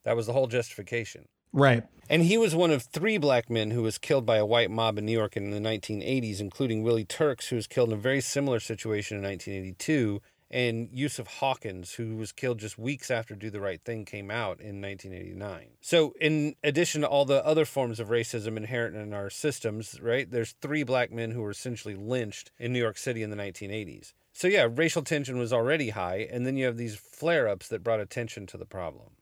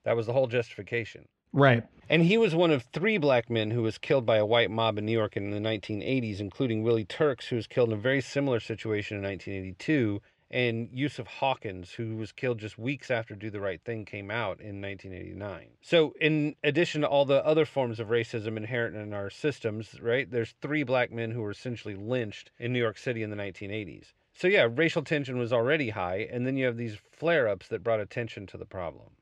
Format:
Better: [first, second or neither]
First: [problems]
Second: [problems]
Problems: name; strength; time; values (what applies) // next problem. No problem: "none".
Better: first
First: none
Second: muffled; slightly; fading above 3 kHz